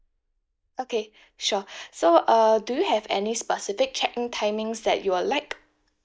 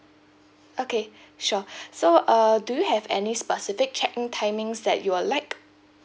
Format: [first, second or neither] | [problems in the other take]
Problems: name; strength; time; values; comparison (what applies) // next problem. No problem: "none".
second | noise reduction (neural mask model DeepFilterNet 3)